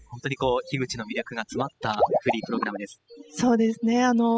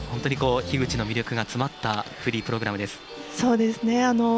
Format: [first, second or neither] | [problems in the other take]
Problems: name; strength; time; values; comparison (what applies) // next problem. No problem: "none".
second | noise reduction (classical method spectral subtraction)